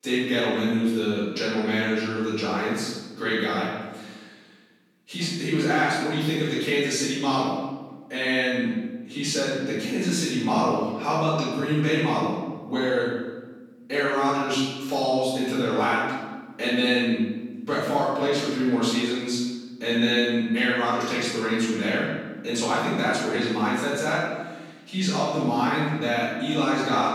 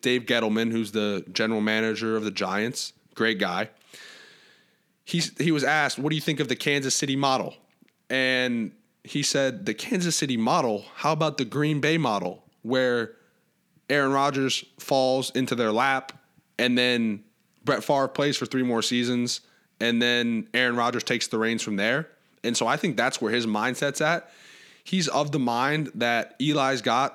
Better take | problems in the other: second | room echo; strong; dies away in 1.1 s // off-mic speech; far

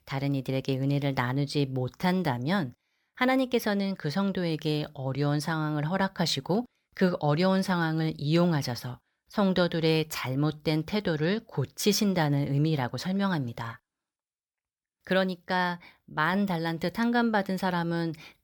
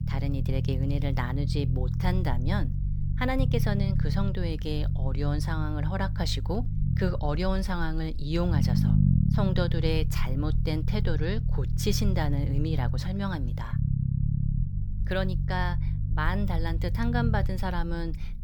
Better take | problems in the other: first | low rumble; loud; throughout; 7 dB below the speech

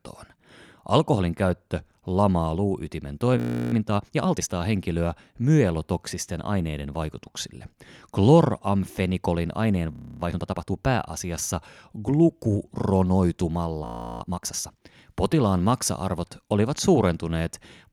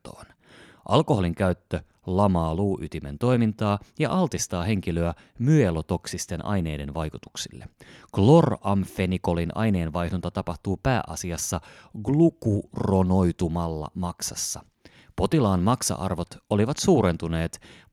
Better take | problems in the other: second | audio freezing; at 3.5 s, at 10 s and at 14 s

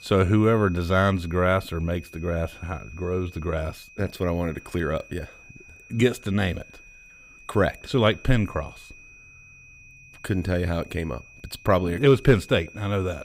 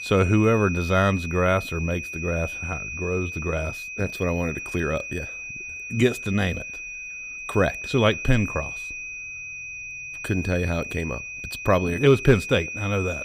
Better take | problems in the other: first | high-pitched whine; loud; throughout; 2.5 kHz, 8 dB below the speech; faint in the first

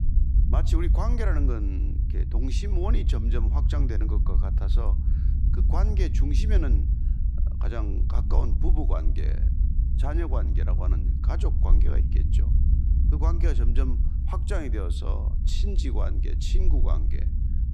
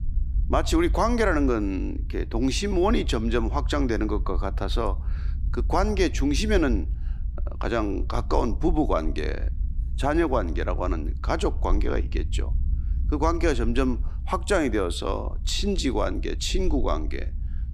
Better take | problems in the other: second | low rumble; loud; throughout; 6 dB below the speech; faint in the second

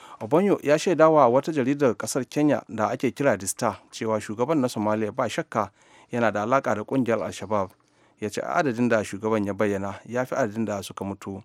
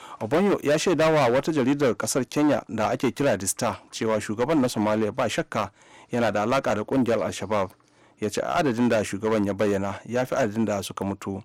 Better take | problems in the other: first | distortion; heavy; 9% of the sound clipped

